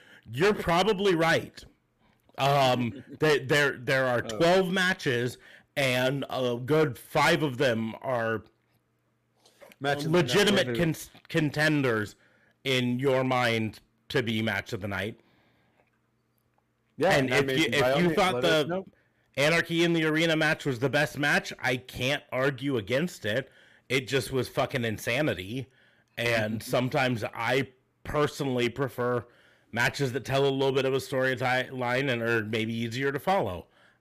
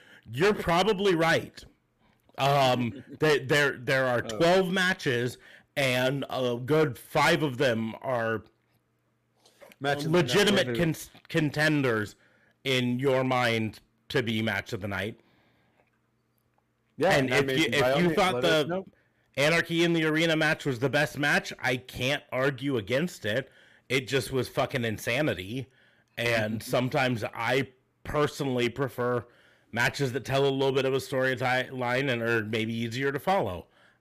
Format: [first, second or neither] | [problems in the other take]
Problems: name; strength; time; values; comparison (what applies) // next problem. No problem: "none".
neither | distortion; heavy; 6% of the sound clipped; the same in both